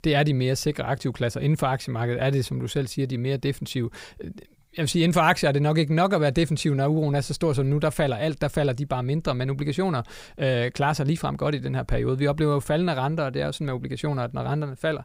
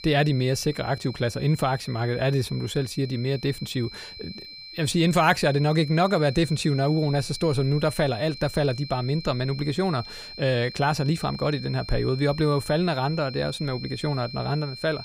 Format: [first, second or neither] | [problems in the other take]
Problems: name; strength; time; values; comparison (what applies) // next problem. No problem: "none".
first | high-pitched whine; noticeable; throughout; 4 kHz, 15 dB below the speech